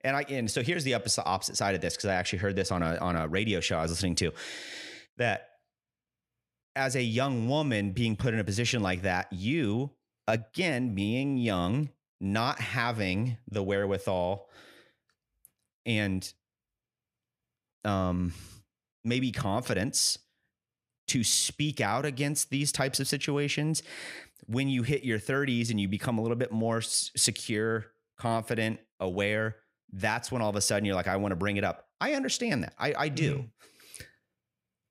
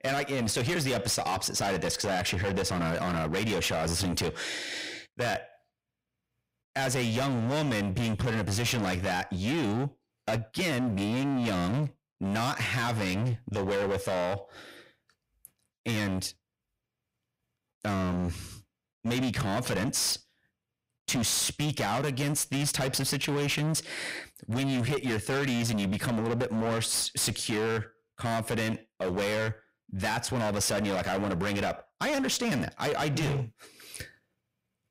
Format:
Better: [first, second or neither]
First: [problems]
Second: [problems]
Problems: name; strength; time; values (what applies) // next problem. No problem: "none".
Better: first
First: none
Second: distortion; heavy; 26% of the sound clipped